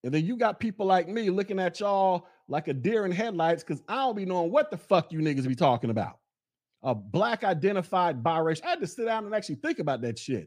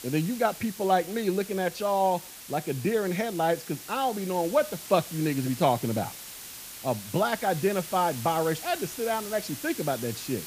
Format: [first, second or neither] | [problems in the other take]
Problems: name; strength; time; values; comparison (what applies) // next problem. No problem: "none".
first | hiss; noticeable; throughout; 10 dB below the speech